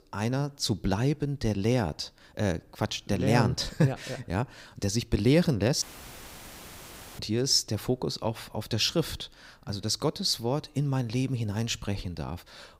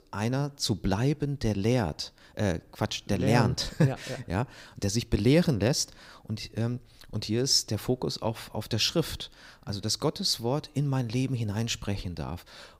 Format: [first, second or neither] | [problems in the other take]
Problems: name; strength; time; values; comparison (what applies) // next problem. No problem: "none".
second | audio cutting out; filled with static; at 6 s for 1.5 s